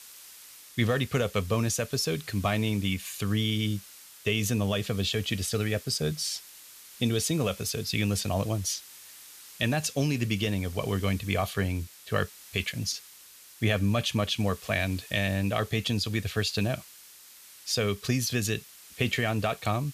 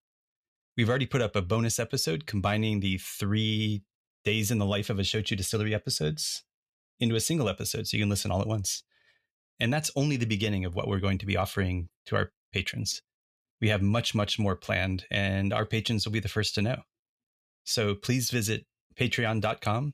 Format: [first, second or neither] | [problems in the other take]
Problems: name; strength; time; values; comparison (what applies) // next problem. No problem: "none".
second | hiss; noticeable; throughout; 20 dB below the speech